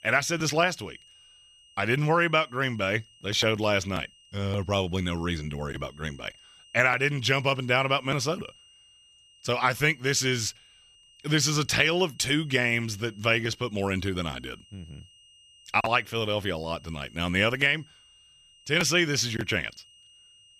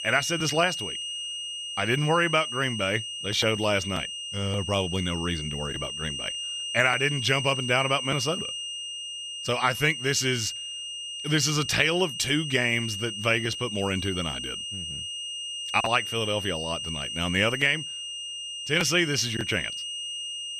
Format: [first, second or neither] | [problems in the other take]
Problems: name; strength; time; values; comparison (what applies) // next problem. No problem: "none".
first | high-pitched whine; loud; throughout; 3 kHz, 6 dB below the speech; faint in the first